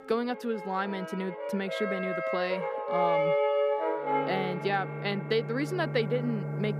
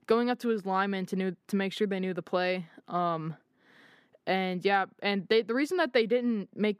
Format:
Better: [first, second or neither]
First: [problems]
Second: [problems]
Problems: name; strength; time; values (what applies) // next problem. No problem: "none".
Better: second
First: background music; very loud; throughout; 1 dB above the speech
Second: none